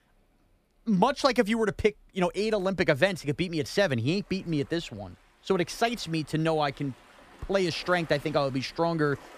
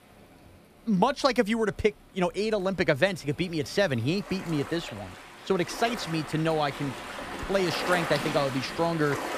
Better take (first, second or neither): first